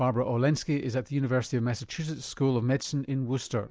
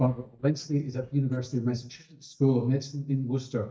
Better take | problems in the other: first | noise reduction (neural mask model DeepFilterNet 3)

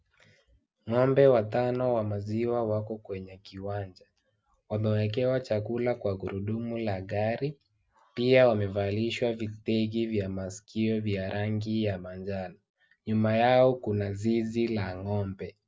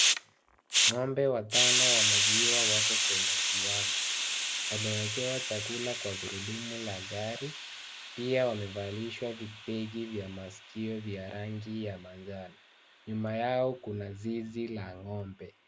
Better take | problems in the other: first | background sound (Hiss); 4 dB above the speech

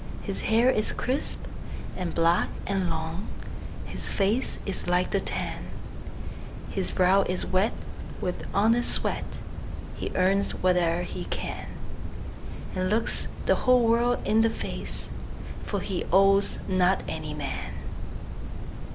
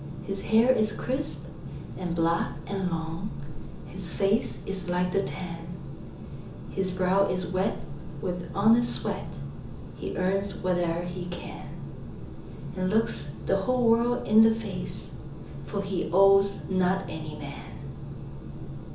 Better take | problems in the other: first | room echo; dies away in 0.7 s

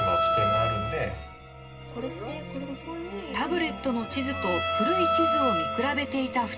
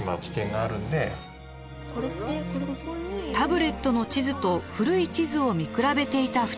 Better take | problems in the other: second | background sound (Bowed string instrument); 1 dB above the speech // room echo; dies away in 0.2 s

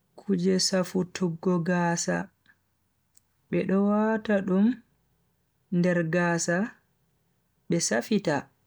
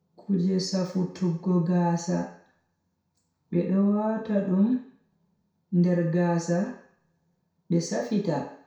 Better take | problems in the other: first | room echo; dies away in 0.6 s

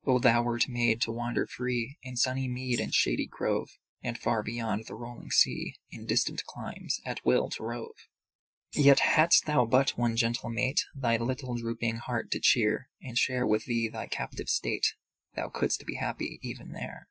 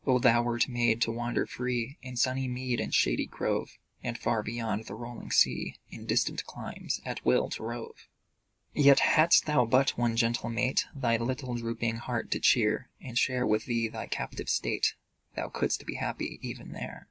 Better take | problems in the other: second | noise reduction (classical method Wiener filter)

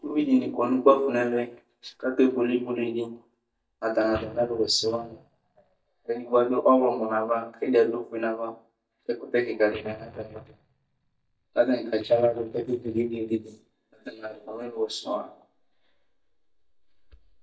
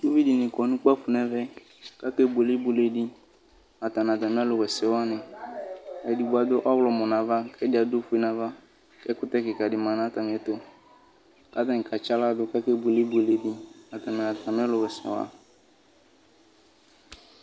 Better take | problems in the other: second | noise reduction (neural mask model DeepFilterNet 3)

